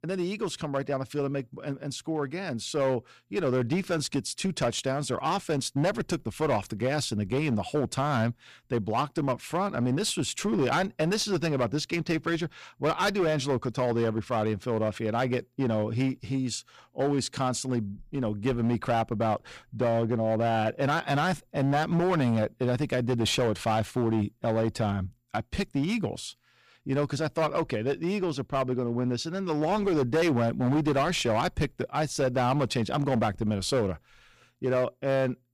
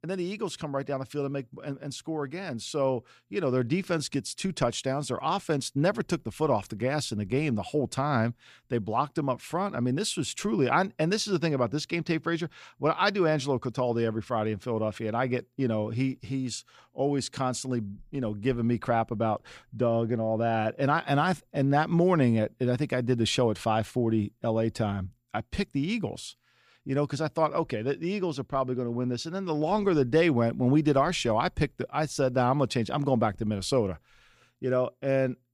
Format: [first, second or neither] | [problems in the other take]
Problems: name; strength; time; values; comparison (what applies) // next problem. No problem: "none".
second | distortion; slight; 11% of the sound clipped